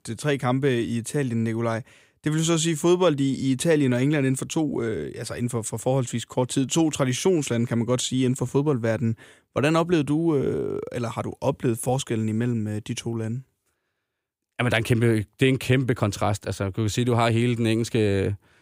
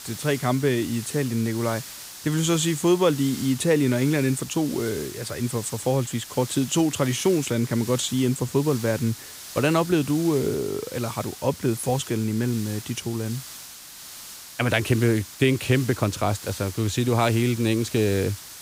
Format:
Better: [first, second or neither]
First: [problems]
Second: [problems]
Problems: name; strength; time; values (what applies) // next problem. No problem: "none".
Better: first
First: none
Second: hiss; noticeable; throughout; 15 dB below the speech